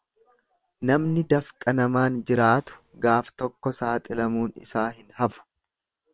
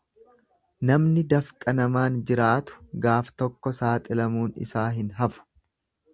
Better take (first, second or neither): second